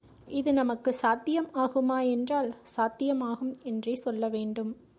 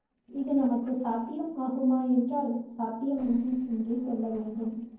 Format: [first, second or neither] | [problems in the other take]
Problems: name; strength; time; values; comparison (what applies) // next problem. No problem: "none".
first | noise reduction (neural separator model SepFormer DNS4)